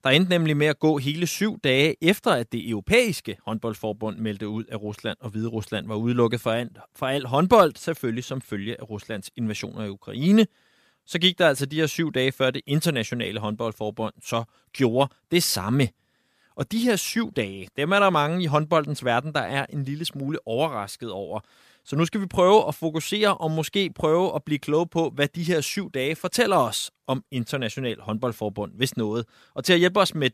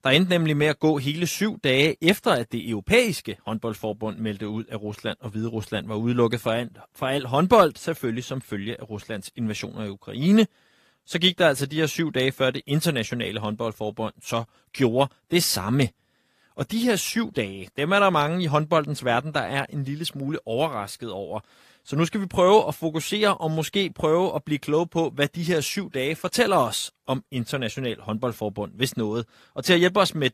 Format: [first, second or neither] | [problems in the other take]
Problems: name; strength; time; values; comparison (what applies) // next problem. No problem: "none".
first | garbled, watery; slightly; nothing above 14.5 kHz